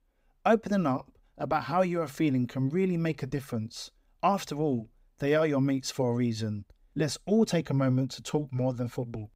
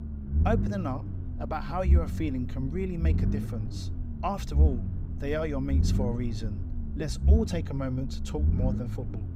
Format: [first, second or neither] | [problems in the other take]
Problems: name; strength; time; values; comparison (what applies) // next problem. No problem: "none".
first | low rumble; loud; throughout; 8 dB below the speech